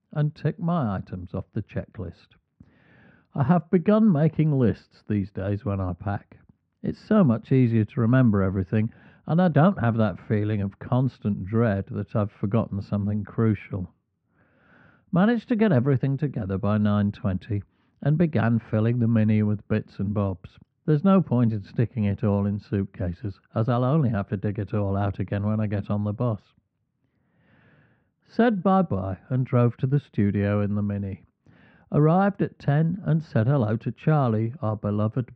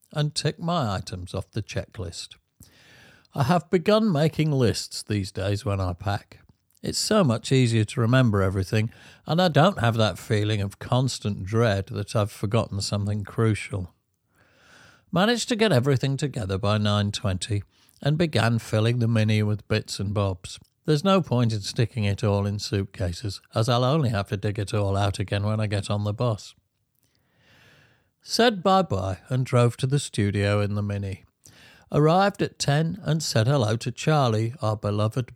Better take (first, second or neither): second